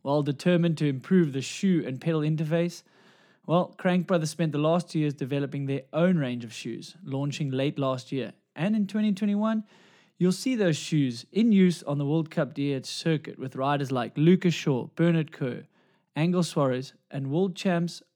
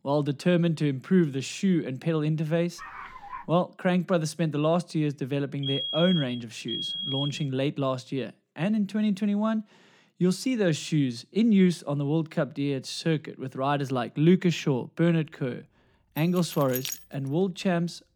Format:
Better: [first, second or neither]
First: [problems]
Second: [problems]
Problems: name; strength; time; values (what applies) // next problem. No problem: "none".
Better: first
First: none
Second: dog barking; faint; at 3 s; peak 15 dB below the speech // alarm; noticeable; from 5.5 to 7.5 s; peak 2 dB below the speech // jangling keys; noticeable; at 16 s; peak 6 dB below the speech